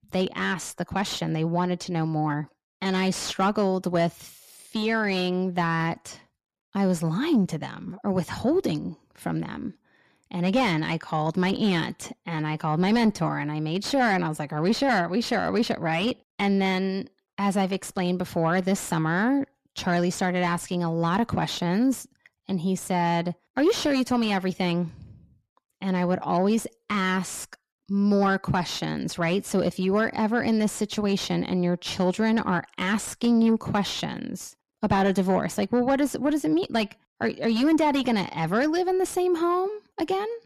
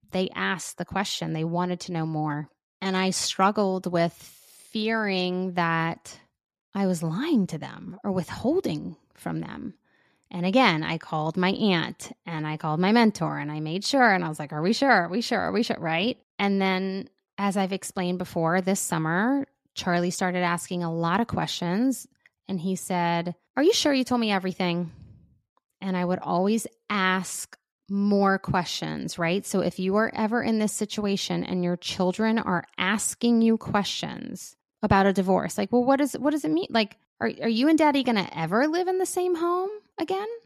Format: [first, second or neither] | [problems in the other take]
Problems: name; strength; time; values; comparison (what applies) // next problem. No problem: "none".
second | distortion; slight; 10 dB below the speech